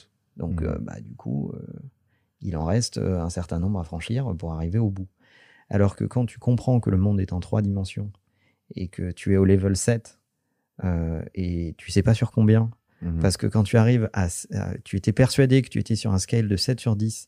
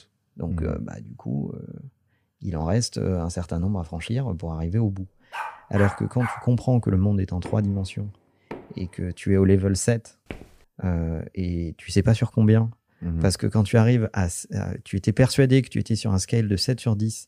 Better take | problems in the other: first | dog barking; noticeable; from 5.5 to 6.5 s; peak 8 dB below the speech // door banging; faint; from 7.5 to 8.5 s; peak 15 dB below the speech // footsteps; faint; at 10 s; peak 20 dB below the speech

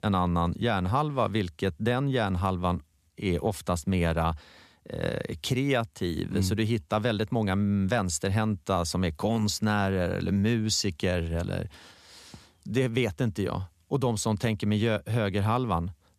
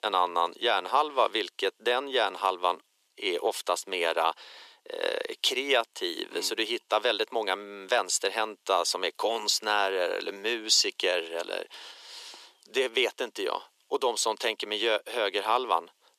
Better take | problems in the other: first | thin; very; fading below 350 Hz

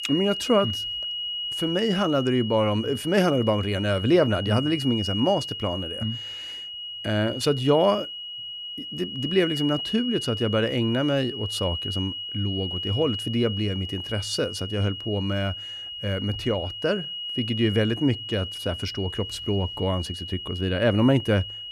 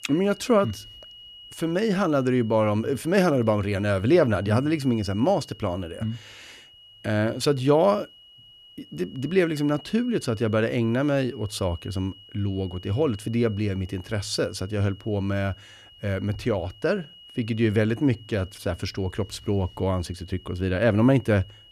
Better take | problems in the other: second | high-pitched whine; loud; throughout; 3 kHz, 6 dB below the speech; faint in the second

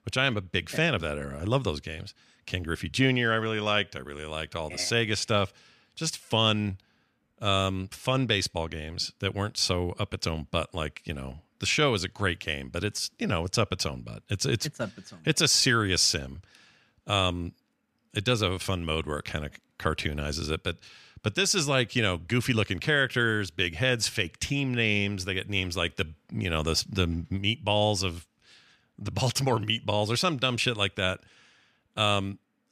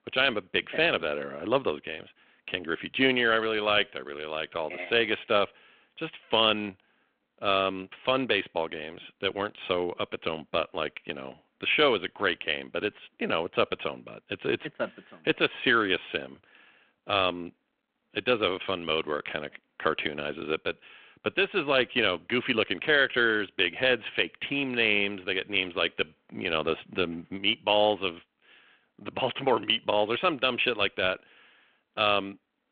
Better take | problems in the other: first | phone-call audio

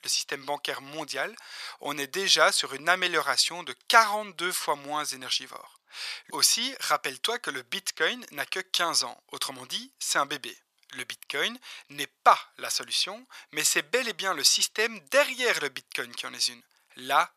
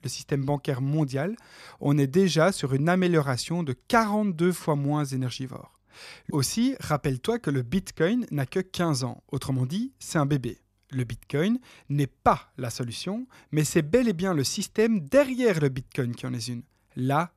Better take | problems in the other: second | thin; very; fading below 1 kHz

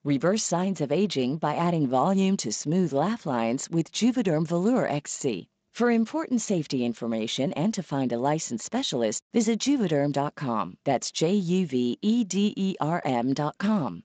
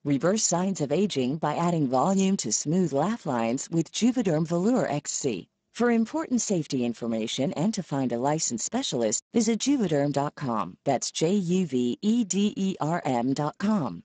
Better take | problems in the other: first | garbled, watery; badly; nothing above 7.5 kHz; slightly in the first

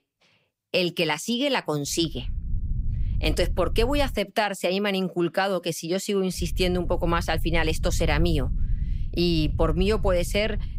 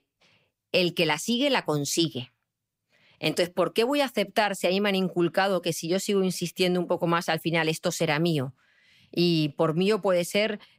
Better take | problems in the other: second | low rumble; faint; from 2 to 4 s and from 6.5 s on; 20 dB below the speech

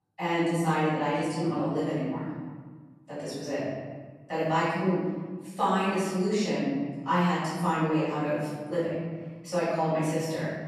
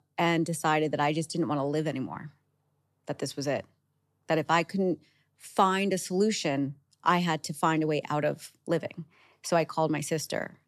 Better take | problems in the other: second | off-mic speech; far // room echo; strong; dies away in 1.6 s

